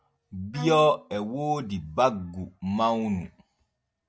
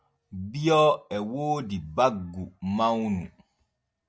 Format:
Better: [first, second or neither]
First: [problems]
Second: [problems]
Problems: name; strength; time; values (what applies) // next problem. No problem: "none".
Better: second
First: background sound (Bowed string instrument); 15 dB below the speech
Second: none